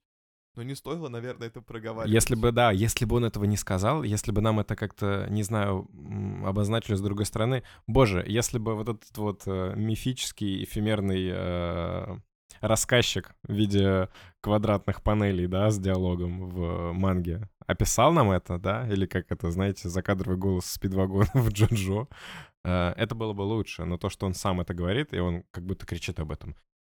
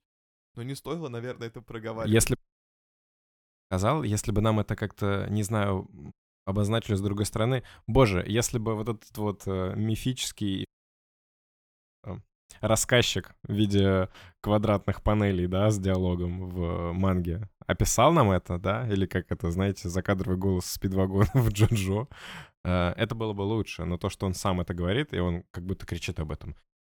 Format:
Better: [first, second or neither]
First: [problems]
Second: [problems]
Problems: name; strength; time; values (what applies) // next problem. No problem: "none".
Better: first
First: none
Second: audio cutting out; at 2.5 s for 1.5 s, at 6 s and at 11 s for 1.5 s